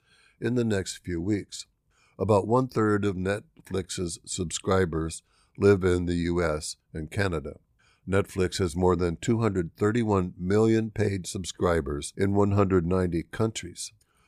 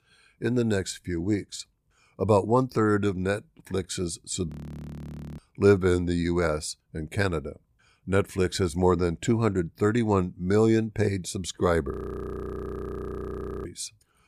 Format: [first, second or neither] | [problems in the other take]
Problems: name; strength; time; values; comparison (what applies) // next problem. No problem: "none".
first | audio freezing; at 4.5 s for 1 s and at 12 s for 1.5 s